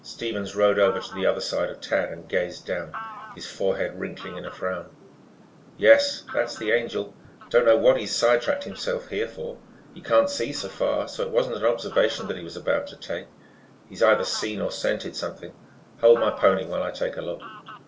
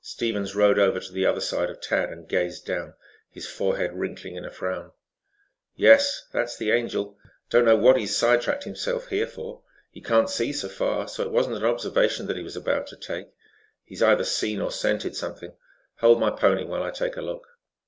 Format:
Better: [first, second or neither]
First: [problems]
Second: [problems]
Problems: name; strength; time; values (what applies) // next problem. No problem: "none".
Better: second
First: background sound (Fowl); 18 dB below the speech // room echo; dies away in 0.2 s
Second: none